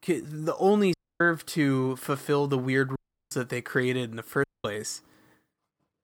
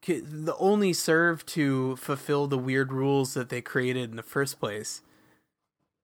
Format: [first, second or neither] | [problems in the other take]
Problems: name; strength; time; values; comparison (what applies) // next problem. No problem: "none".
second | audio cutting out; at 1 s, at 3 s and at 4.5 s